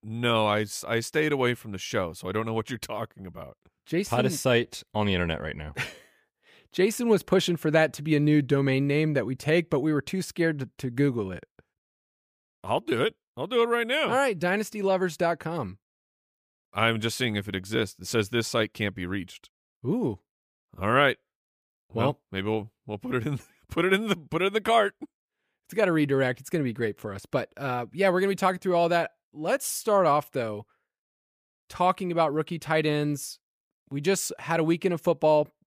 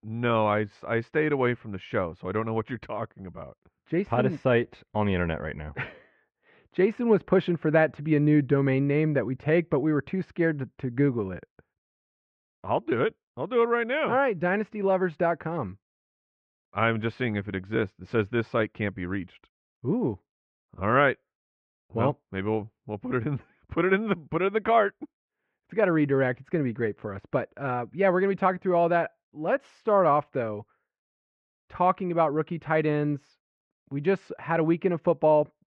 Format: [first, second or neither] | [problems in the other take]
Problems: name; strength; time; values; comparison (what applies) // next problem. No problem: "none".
first | muffled; very; fading above 2 kHz